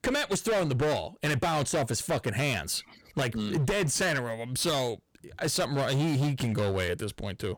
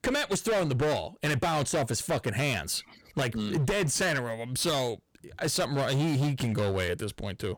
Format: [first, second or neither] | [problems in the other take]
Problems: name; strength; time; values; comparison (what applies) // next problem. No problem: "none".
neither | distortion; heavy; 19% of the sound clipped; the same in both